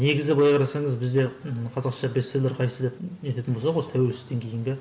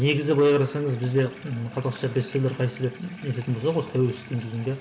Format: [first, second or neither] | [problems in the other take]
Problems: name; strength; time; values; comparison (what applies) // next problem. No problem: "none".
first | background sound (Sink (filling or washing) / Water tap, faucet); 20 dB below the speech